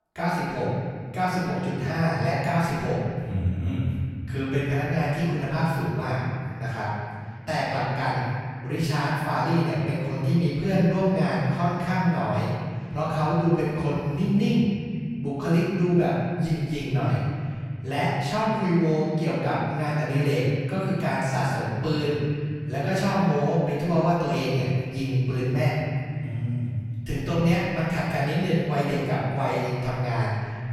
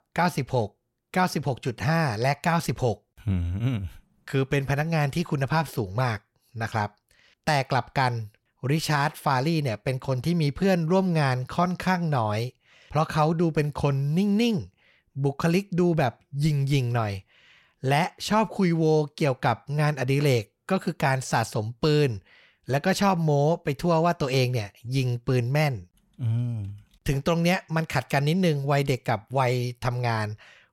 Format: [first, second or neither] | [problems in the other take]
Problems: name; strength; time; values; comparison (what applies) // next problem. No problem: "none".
second | room echo; strong; dies away in 2.5 s // off-mic speech; far